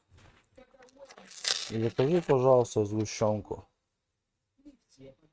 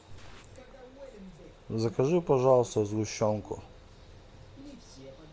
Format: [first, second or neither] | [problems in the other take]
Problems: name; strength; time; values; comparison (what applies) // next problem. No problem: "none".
second | noise reduction (neural mask model RNNoise)